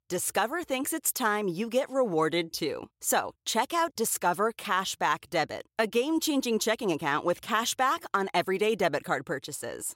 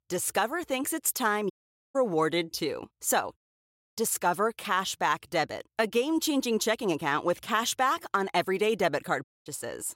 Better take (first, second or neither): first